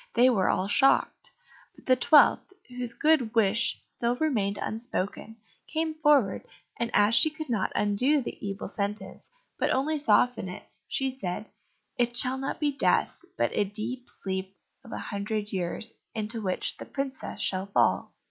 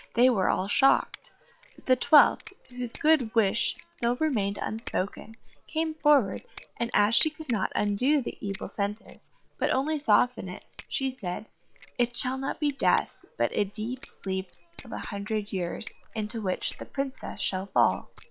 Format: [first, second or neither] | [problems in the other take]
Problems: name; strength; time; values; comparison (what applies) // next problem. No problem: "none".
first | noise reduction (neural separator model SepFormer WHAM!)